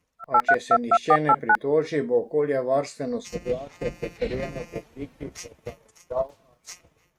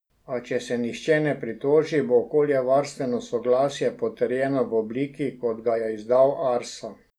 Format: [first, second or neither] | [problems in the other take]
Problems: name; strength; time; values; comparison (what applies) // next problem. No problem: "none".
second | noise reduction (neural mask model RNNoise)